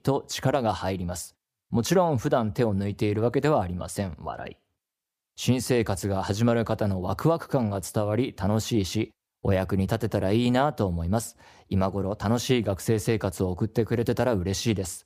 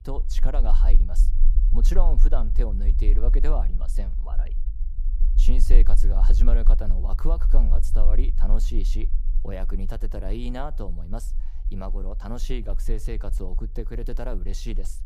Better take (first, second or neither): first